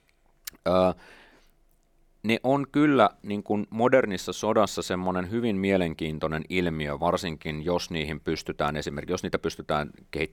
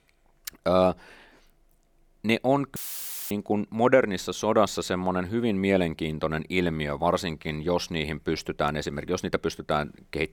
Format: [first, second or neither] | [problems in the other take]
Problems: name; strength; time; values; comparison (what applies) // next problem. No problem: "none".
first | audio cutting out; filled with static; at 3 s for 0.5 s